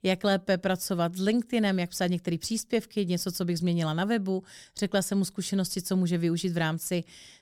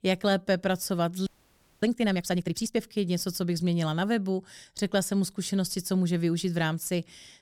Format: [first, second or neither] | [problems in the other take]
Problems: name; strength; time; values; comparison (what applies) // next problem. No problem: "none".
first | audio freezing; at 1.5 s for 0.5 s